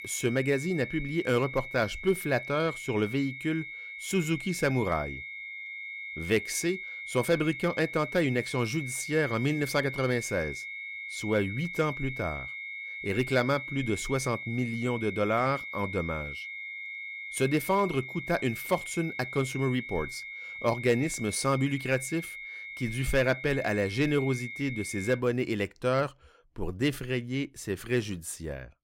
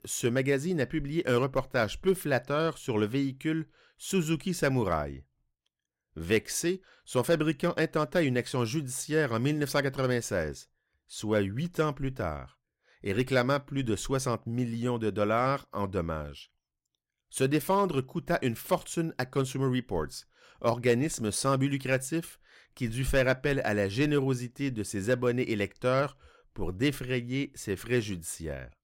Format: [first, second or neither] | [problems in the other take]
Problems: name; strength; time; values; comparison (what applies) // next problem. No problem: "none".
second | high-pitched whine; loud; until 25 s; 2 kHz, 8 dB below the speech